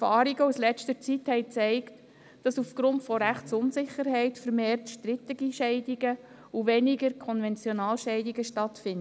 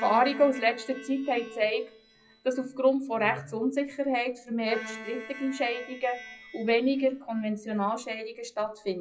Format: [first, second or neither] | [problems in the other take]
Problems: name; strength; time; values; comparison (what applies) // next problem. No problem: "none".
first | noise reduction (classical method WPE with log-MMSE)